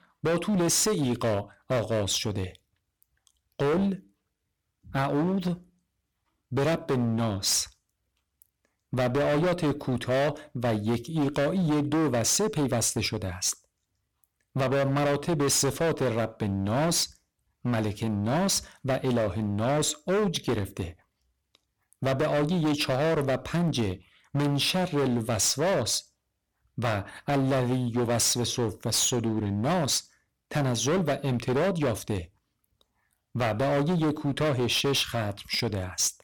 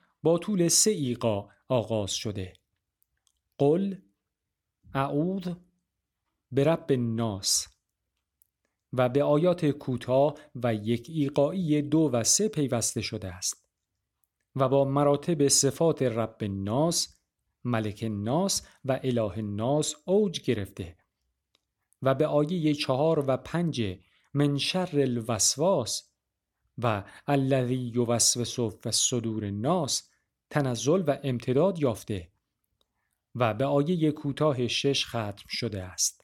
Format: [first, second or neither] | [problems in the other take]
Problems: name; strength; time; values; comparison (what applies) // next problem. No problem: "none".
second | distortion; heavy; 19% of the sound clipped